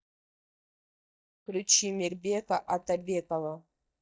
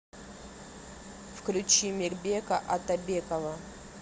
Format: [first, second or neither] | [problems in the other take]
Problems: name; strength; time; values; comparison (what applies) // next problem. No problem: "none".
second | noise reduction (neural mask model DeepFilterNet 3)